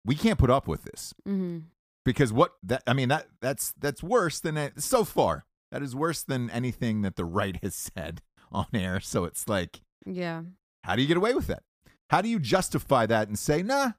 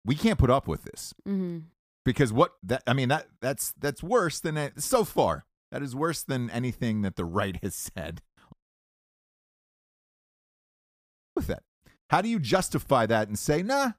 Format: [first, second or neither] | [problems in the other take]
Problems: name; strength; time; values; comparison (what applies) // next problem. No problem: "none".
first | audio cutting out; at 8.5 s for 3 s